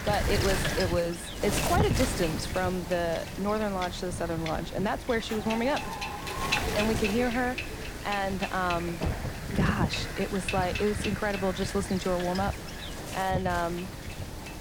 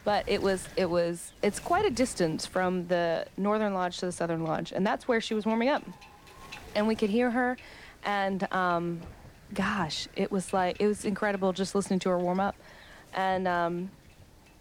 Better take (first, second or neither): second